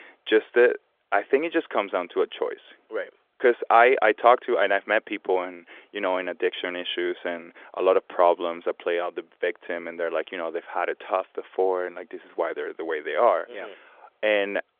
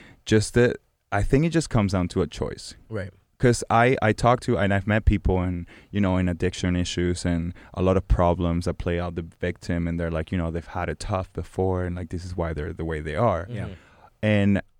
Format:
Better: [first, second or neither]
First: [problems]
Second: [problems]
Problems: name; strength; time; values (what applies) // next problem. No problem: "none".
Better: second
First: phone-call audio; nothing above 3.5 kHz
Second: none